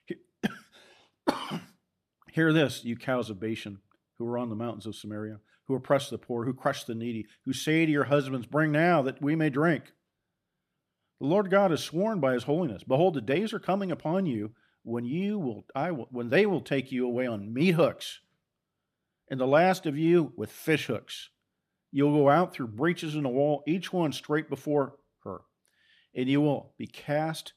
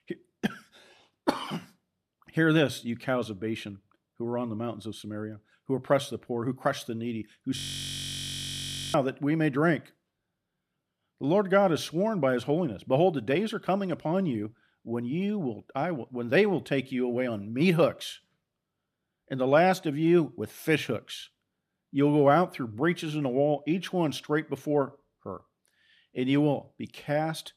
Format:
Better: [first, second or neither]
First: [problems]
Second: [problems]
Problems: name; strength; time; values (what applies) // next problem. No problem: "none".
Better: first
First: none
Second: audio freezing; at 7.5 s for 1.5 s